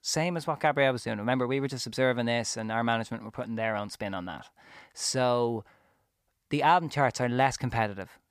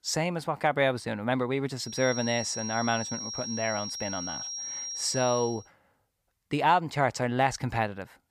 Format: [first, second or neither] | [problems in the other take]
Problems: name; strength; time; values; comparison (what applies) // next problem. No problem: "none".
first | high-pitched whine; loud; from 2 to 5.5 s; 5.5 kHz, 5 dB below the speech